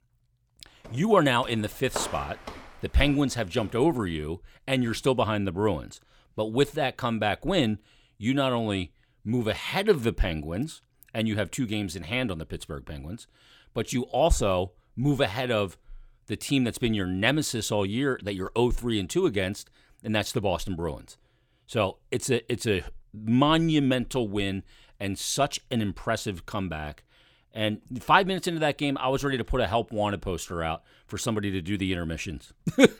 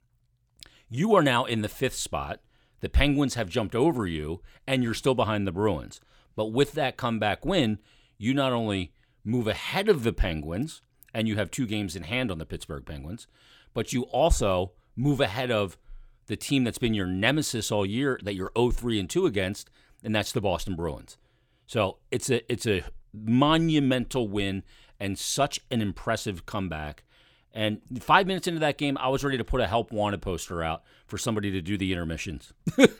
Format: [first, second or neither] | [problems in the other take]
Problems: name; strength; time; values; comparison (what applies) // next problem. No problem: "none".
second | footsteps; noticeable; from 1 to 3.5 s; peak 7 dB below the speech